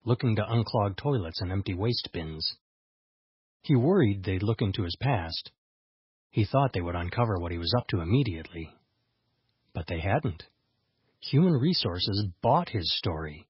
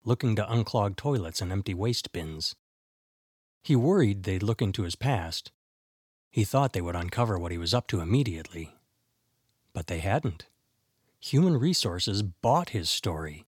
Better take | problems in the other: second | garbled, watery; badly; nothing above 5.5 kHz

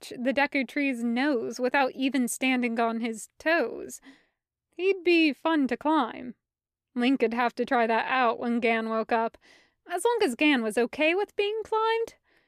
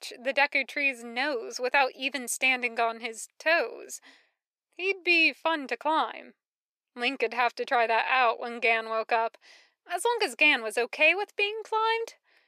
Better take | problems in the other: first | thin; somewhat; fading below 600 Hz

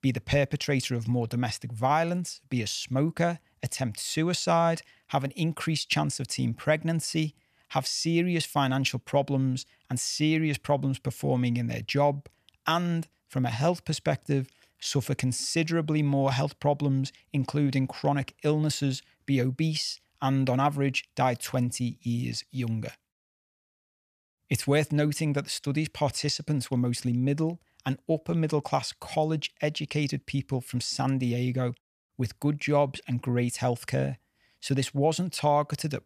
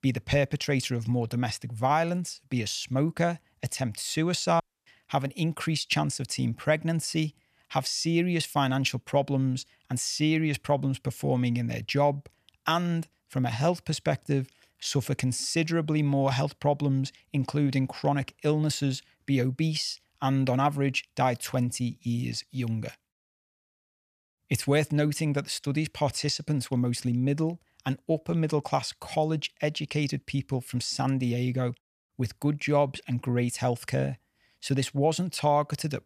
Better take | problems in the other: first | audio cutting out; at 4.5 s

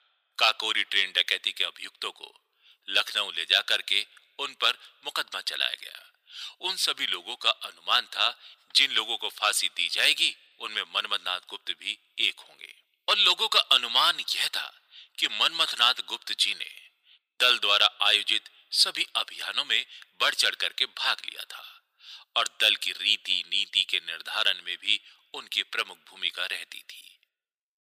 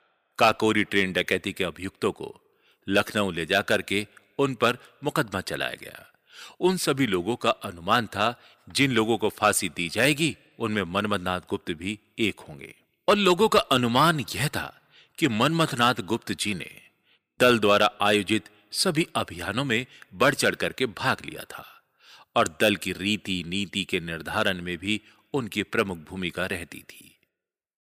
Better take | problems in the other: second | thin; very; fading below 950 Hz

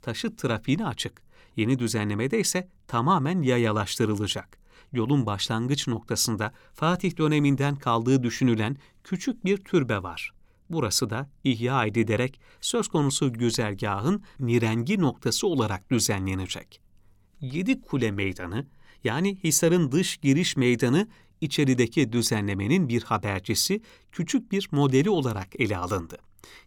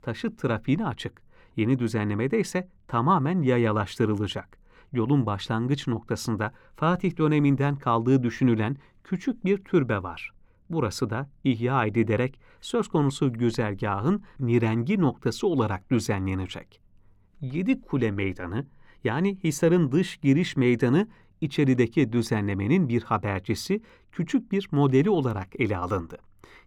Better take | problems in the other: first | muffled; slightly; fading above 3 kHz

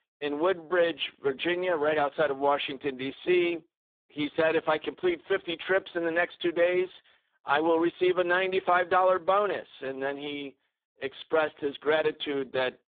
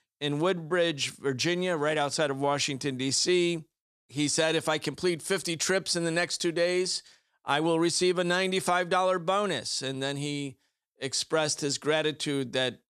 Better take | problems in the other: second | phone-call audio; poor line; nothing above 3.5 kHz

